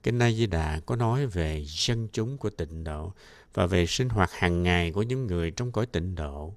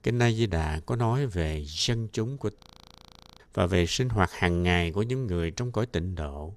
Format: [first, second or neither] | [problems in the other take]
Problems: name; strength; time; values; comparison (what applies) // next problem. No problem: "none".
first | audio freezing; at 2.5 s for 1 s